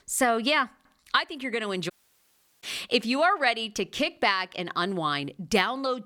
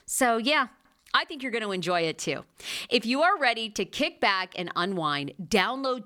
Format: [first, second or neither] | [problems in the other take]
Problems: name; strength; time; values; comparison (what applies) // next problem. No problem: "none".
second | audio cutting out; at 2 s for 0.5 s